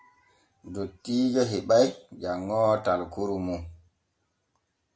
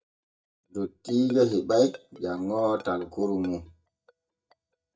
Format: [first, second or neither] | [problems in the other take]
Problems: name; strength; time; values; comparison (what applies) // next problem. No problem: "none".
first | noise reduction (neural mask model DeepFilterNet 3)